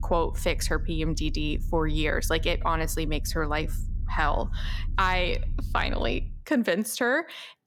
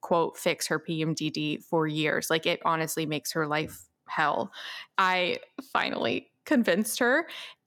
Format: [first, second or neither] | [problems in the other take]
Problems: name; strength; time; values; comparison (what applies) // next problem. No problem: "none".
second | low rumble; faint; until 6.5 s; 25 dB below the speech